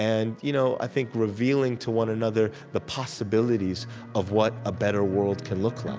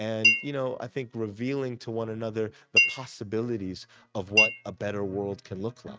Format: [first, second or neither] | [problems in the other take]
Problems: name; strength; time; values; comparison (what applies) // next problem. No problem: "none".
first | noise reduction (neural mask model RNNoise)